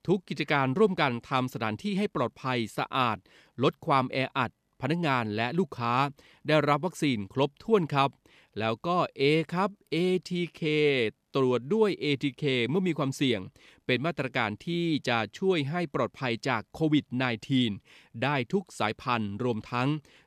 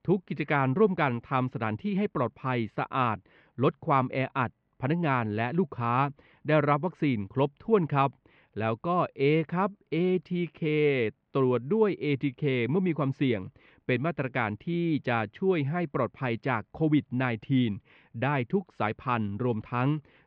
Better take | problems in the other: first | muffled; very; fading above 2.5 kHz

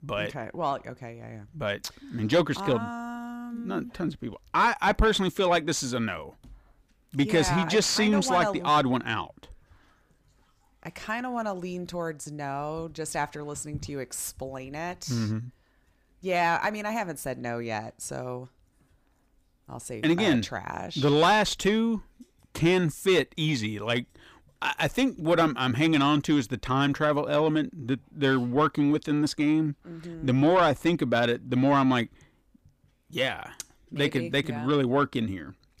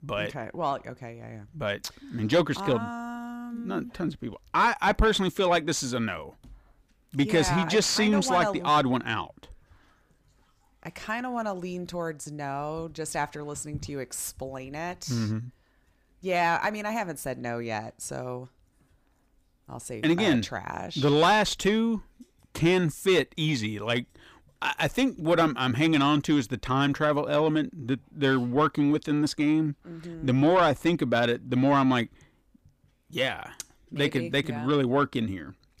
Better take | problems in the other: neither | distortion; slight; 10 dB below the speech; the same in both

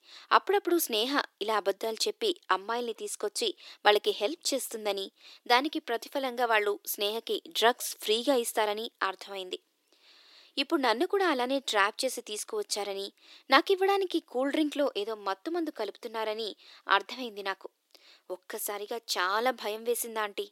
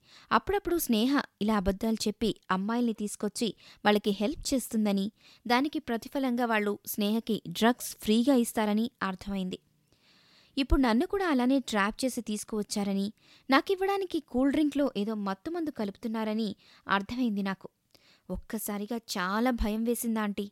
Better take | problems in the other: second | thin; somewhat; fading below 350 Hz

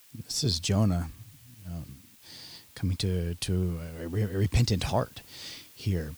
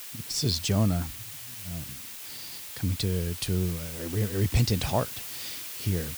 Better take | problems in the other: first | hiss; loud; throughout; 8 dB below the speech; faint in the first

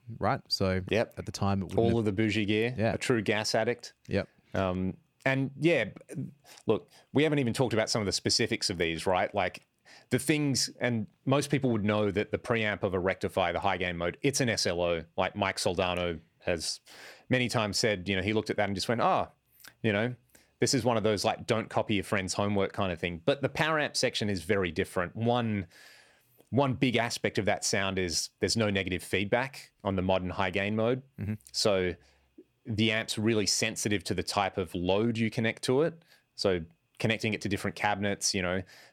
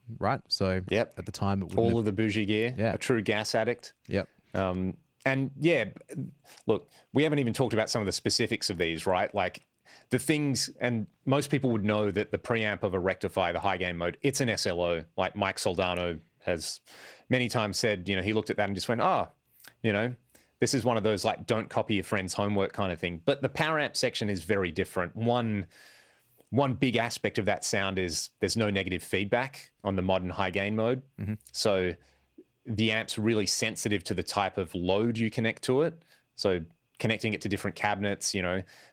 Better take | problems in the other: first | garbled, watery; slightly

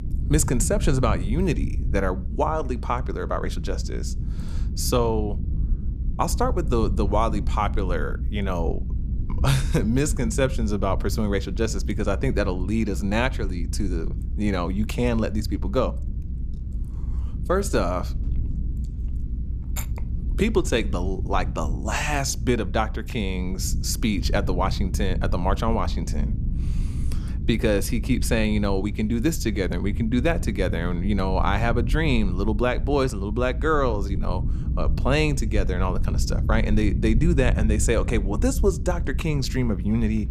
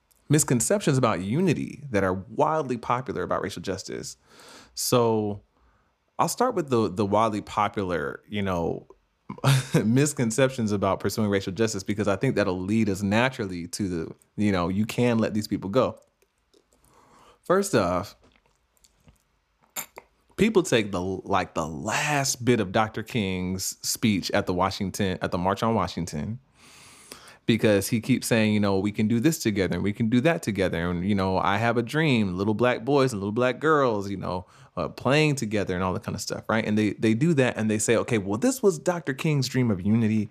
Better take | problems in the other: second | low rumble; noticeable; throughout; 15 dB below the speech

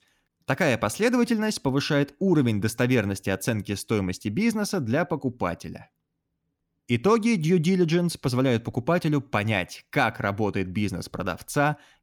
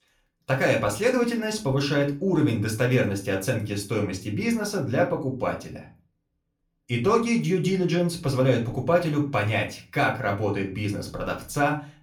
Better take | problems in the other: first | off-mic speech; far // room echo; very slight; dies away in 0.3 s

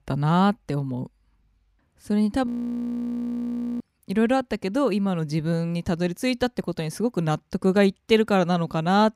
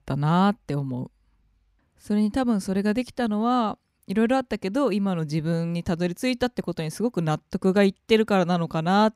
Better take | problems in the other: second | audio freezing; at 2.5 s for 1.5 s

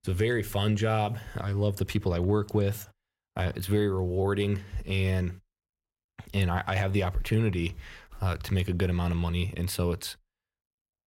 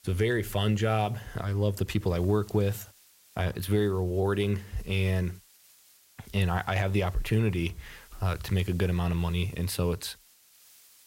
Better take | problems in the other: first | hiss; faint; throughout; 25 dB below the speech

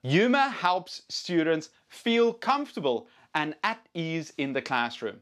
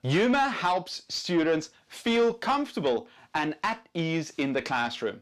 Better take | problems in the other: first | distortion; slight; 10 dB below the speech

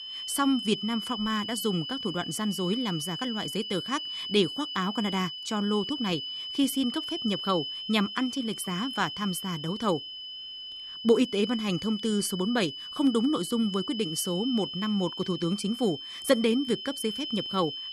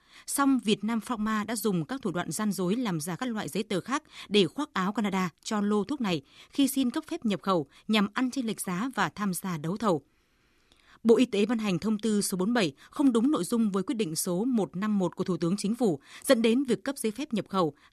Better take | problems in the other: second | high-pitched whine; loud; throughout; 3 kHz, 6 dB below the speech

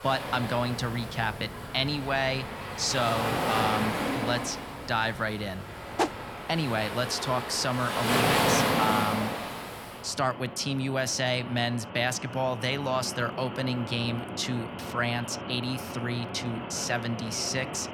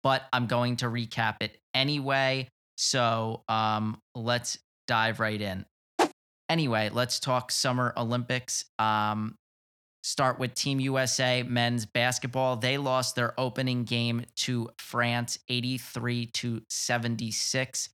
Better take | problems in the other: second | rain or running water; loud; throughout; 3 dB below the speech

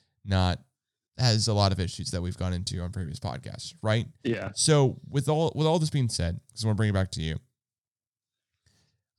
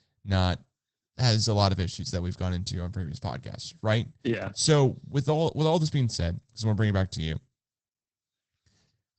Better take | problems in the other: first | garbled, watery; badly; nothing above 8 kHz

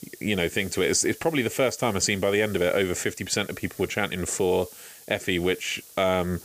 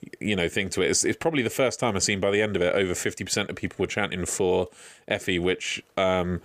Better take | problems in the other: second | hiss; noticeable; throughout; 20 dB below the speech

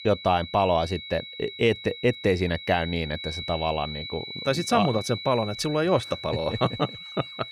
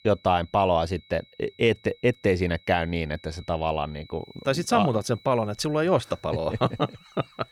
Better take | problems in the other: second | high-pitched whine; loud; throughout; 4 kHz, 10 dB below the speech; faint in the second

